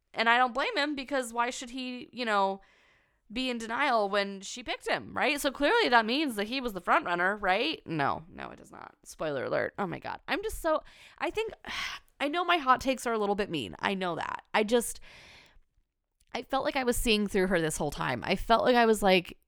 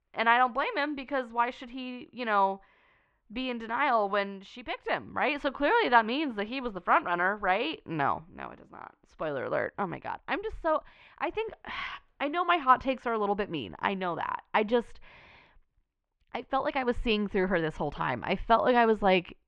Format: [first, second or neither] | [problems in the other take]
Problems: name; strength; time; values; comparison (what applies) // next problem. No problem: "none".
first | muffled; slightly; fading above 3 kHz